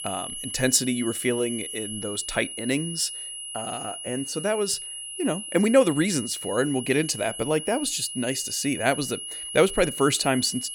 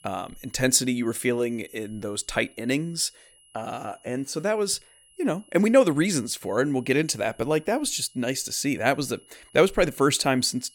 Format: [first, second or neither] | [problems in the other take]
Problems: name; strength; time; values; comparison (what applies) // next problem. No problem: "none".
second | high-pitched whine; loud; throughout; 10.5 kHz, 8 dB below the speech; faint in the second